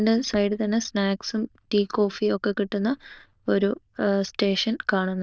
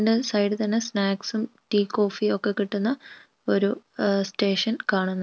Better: second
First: noise reduction (neural diffusion model UNIVERSE++)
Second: none

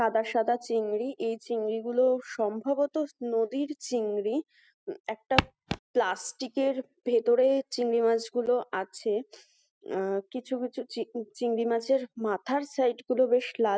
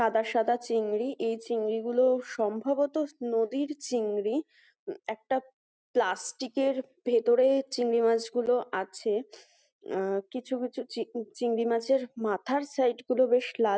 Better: second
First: noise reduction (classical method spectral subtraction)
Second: none

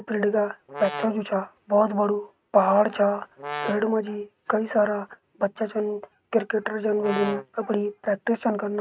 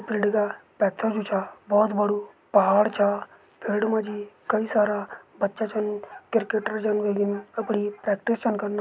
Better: second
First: noise reduction (neural mask model RNNoise)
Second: none

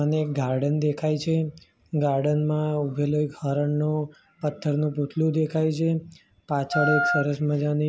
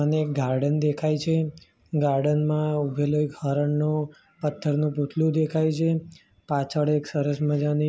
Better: second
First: background sound (Wind instrument, woodwind instrument); 1 dB below the speech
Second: none

